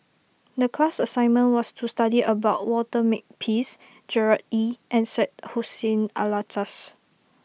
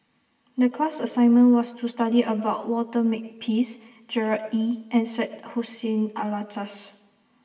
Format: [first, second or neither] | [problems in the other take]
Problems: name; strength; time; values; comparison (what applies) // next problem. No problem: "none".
first | room echo; dies away in 0.9 s